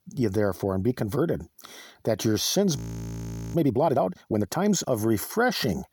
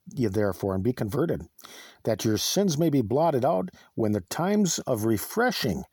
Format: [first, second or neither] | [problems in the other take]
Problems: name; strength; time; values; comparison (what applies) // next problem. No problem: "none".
second | audio freezing; at 3 s for 1 s